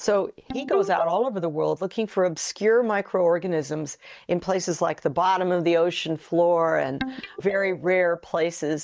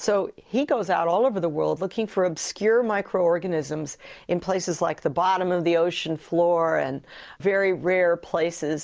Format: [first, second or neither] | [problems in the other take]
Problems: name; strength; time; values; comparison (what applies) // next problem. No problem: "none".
second | noise reduction (neural mask model DeepFilterNet 3)